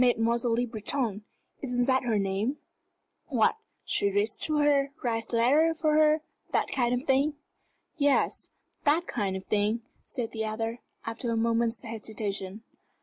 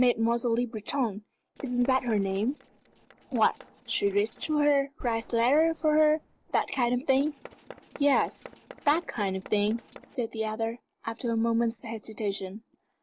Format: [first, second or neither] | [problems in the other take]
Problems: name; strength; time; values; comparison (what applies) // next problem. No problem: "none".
first | noise reduction (neural separator model SepFormer DNS4)